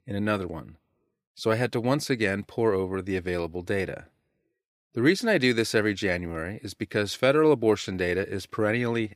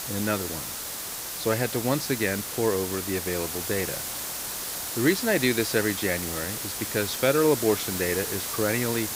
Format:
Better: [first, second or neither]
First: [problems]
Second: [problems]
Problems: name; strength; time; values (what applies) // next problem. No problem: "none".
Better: first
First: none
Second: hiss; loud; throughout; 3 dB below the speech